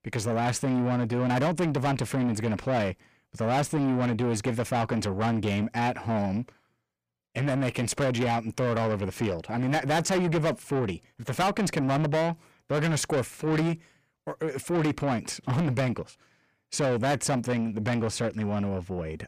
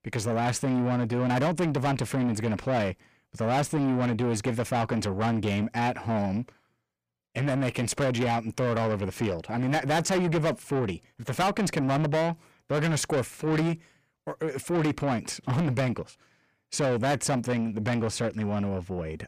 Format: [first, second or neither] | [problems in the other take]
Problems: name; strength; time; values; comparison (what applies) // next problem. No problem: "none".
neither | distortion; heavy; 7 dB below the speech; the same in both